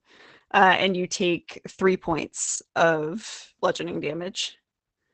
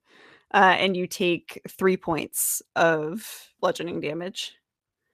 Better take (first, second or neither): second